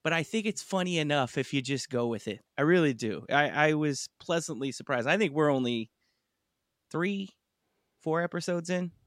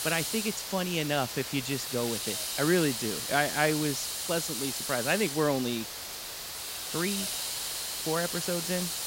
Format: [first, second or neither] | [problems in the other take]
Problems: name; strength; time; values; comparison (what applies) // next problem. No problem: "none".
first | hiss; loud; throughout; 2 dB below the speech